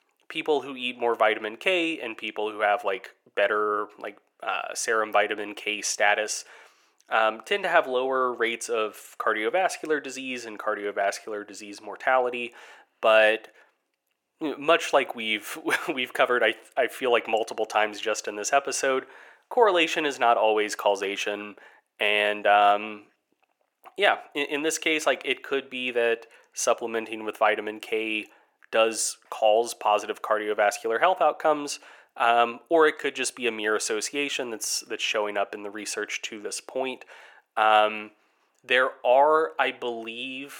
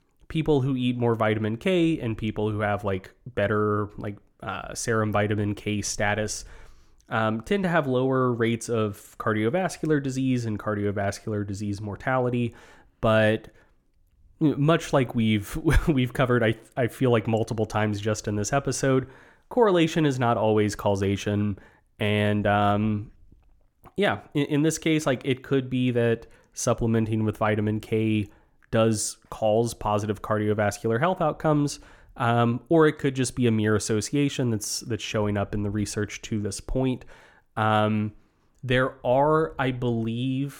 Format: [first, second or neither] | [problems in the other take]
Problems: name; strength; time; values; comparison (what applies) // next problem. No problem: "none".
second | thin; very; fading below 450 Hz